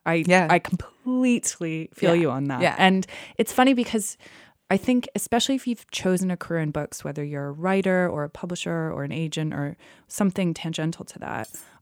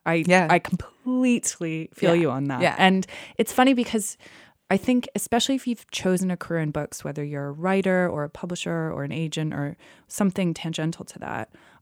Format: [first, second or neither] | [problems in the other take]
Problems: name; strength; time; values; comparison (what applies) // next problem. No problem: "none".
second | clattering dishes; very faint; at 11 s; peak 15 dB below the speech